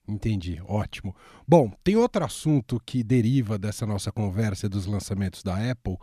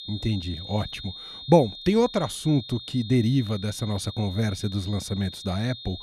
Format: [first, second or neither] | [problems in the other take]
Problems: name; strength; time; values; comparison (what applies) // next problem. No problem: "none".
first | high-pitched whine; noticeable; throughout; 3.5 kHz, 10 dB below the speech